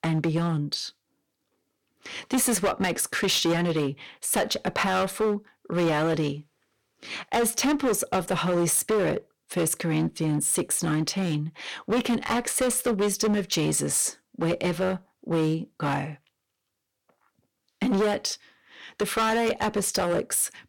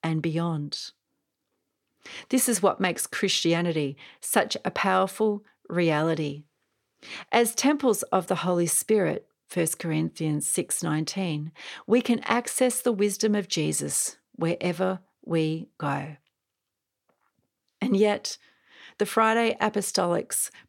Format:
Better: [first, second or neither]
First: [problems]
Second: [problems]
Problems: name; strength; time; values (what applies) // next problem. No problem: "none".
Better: second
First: distortion; heavy; 12% of the sound clipped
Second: none